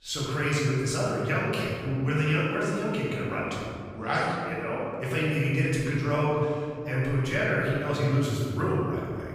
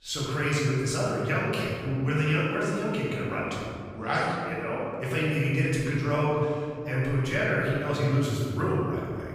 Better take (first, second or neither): neither